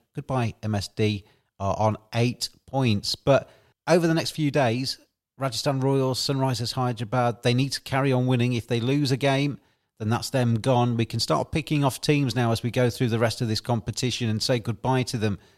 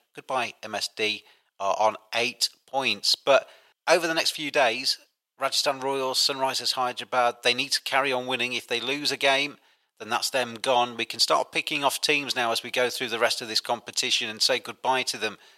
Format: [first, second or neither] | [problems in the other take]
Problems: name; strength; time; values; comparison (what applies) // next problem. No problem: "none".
first | thin; very; fading below 650 Hz